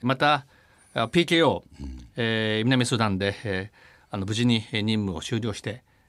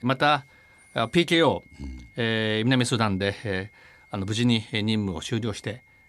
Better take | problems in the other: first | high-pitched whine; faint; throughout; 2 kHz, 30 dB below the speech

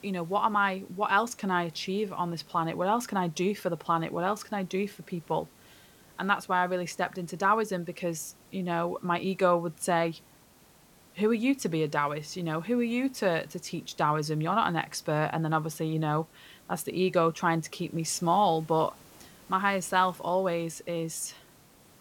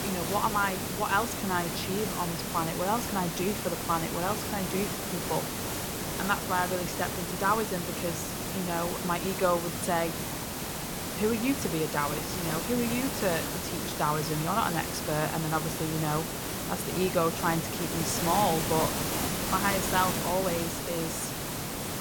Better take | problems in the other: first | hiss; loud; throughout; 1 dB below the speech; faint in the first

